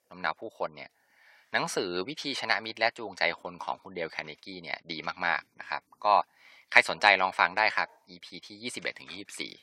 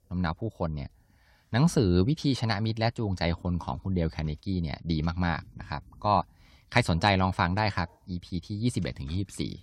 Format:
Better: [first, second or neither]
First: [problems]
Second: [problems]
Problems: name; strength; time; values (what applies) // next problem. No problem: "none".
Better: second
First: thin; very; fading below 600 Hz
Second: none